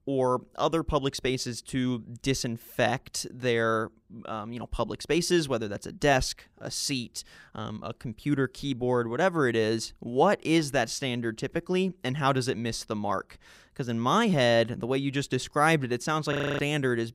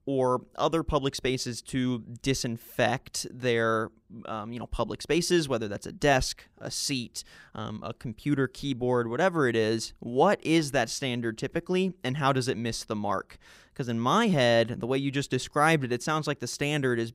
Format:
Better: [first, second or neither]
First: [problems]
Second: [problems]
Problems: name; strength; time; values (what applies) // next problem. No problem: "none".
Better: second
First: audio freezing; at 16 s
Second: none